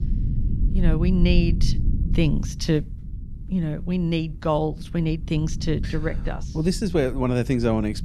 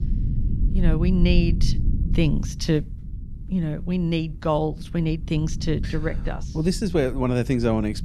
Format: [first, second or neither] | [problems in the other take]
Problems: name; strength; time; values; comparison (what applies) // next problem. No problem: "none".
neither | low rumble; noticeable; throughout; 15 dB below the speech; the same in both